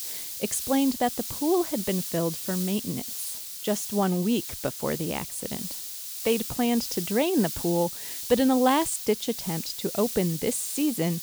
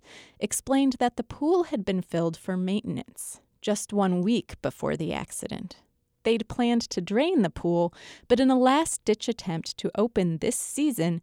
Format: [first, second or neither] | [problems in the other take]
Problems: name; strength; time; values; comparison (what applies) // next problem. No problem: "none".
second | hiss; loud; throughout; 6 dB below the speech